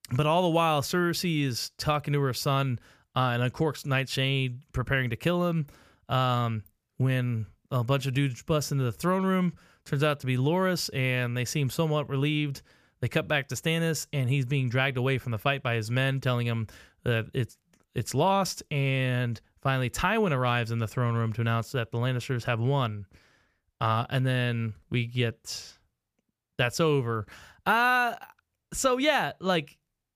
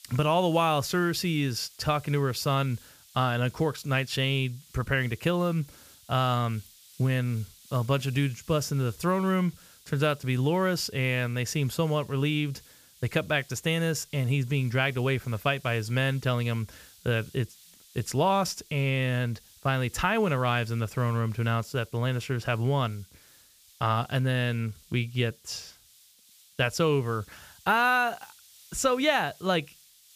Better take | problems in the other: first | hiss; faint; throughout; 25 dB below the speech

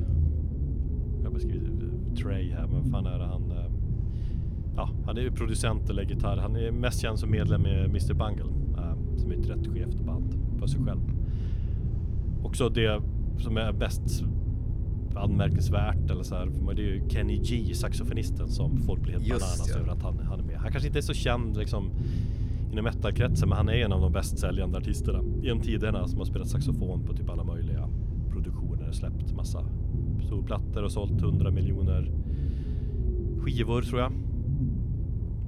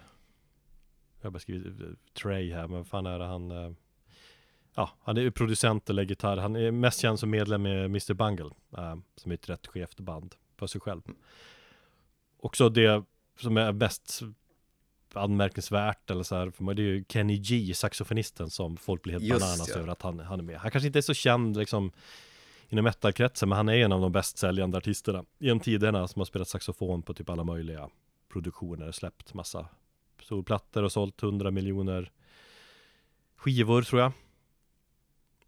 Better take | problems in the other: second | low rumble; loud; throughout; 7 dB below the speech

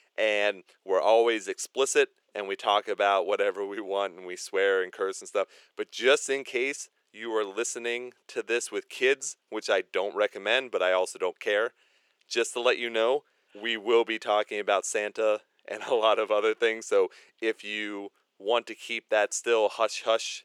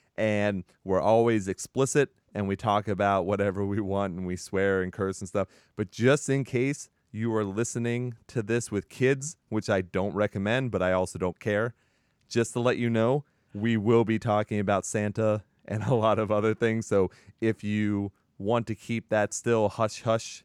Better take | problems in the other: second | thin; very; fading below 400 Hz

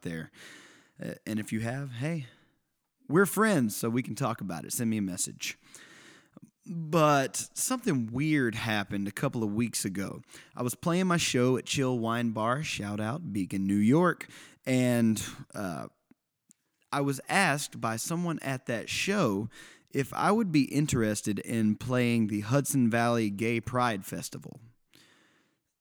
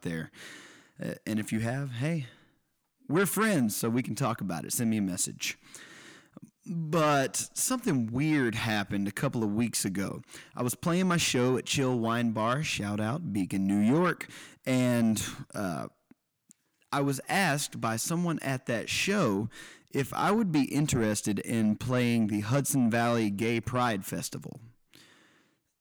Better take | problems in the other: first | distortion; slight; 10 dB below the speech

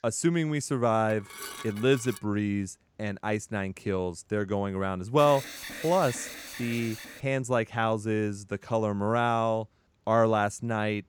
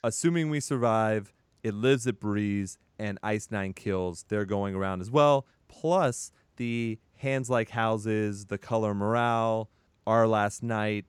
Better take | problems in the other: second | clattering dishes; faint; from 1 to 2 s; peak 10 dB below the speech // alarm; noticeable; from 5 to 7.5 s; peak 9 dB below the speech

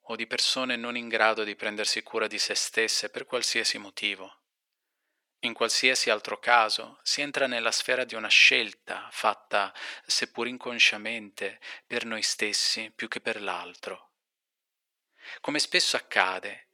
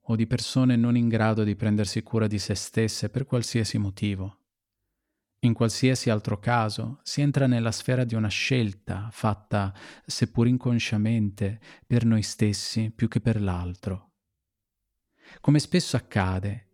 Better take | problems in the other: second | thin; very; fading below 450 Hz

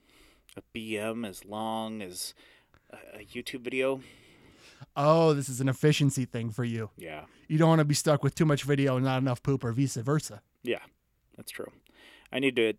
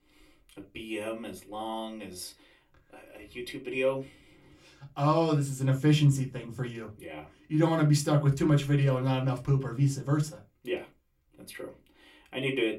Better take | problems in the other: first | off-mic speech; far // room echo; very slight; dies away in 0.2 s

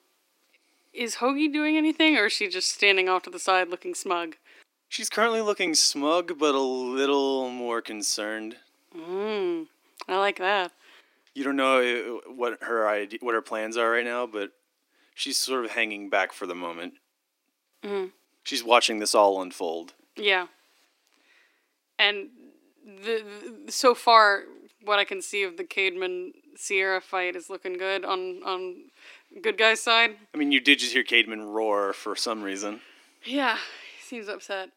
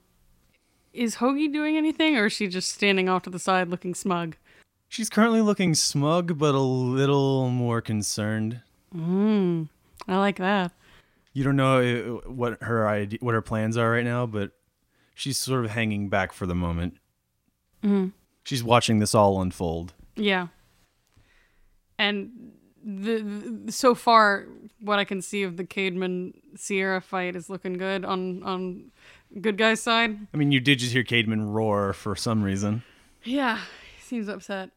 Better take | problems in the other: second | thin; somewhat; fading below 300 Hz

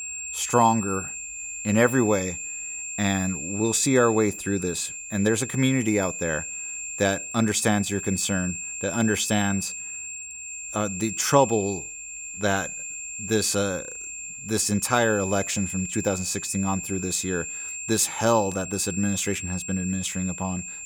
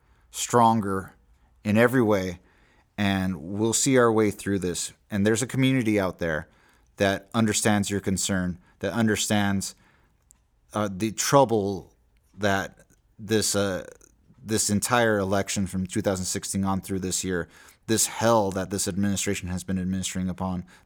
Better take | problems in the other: second | high-pitched whine; loud; throughout; 7.5 kHz, 7 dB below the speech

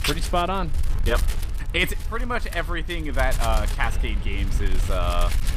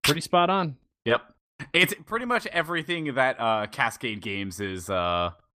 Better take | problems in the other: second | wind noise on the microphone; occasional gusts; 10 dB below the speech

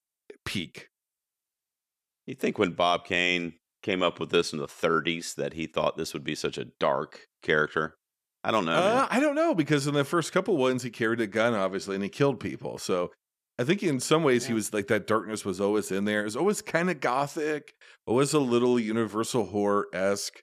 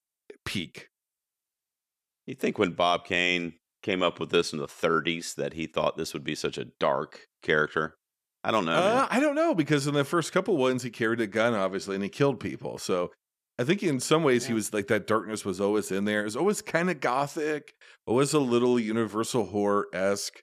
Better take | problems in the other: neither | none

